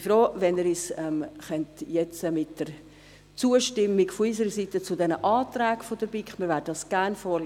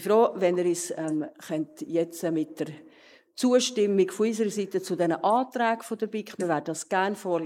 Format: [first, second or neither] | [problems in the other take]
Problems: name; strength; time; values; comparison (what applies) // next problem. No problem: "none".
first | noise reduction (neural mask model Resemble Enhance denoiser)